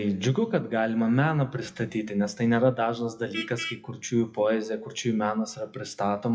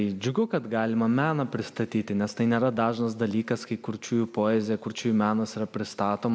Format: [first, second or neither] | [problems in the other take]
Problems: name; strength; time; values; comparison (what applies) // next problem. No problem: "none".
second | noise reduction (classical method WPE with log-MMSE)